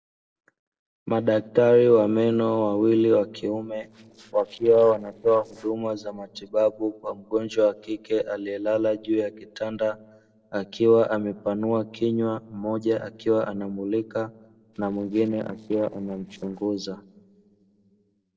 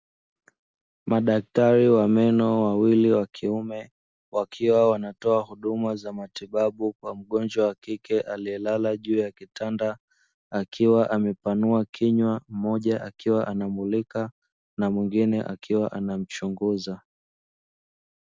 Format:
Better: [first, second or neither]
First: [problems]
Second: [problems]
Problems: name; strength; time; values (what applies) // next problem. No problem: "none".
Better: second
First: noise reduction (neural separator model SepFormer DNS4)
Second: none